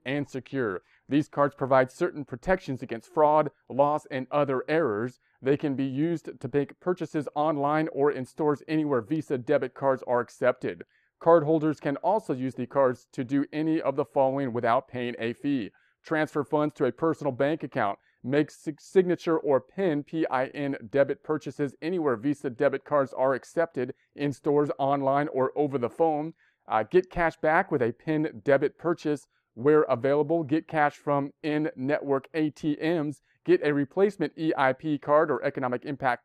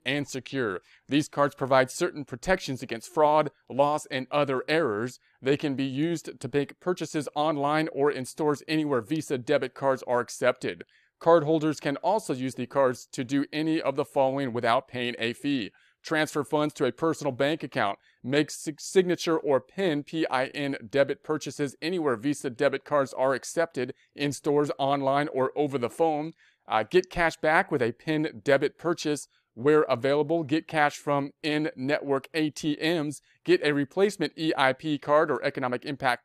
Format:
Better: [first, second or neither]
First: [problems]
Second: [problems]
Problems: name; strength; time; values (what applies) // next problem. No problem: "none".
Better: second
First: muffled; slightly; fading above 2.5 kHz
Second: none